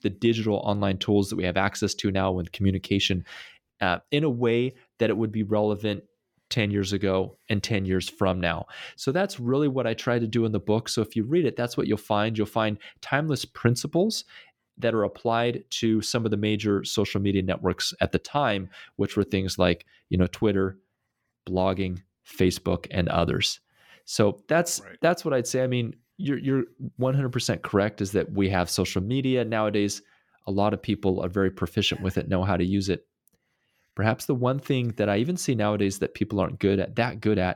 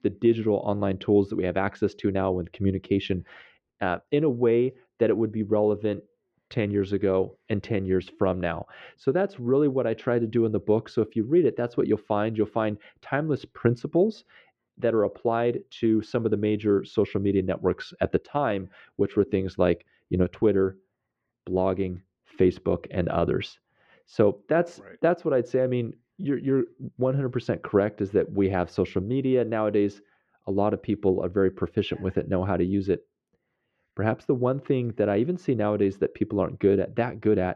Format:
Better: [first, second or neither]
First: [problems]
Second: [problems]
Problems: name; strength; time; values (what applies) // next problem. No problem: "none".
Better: first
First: none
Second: muffled; very; fading above 2 kHz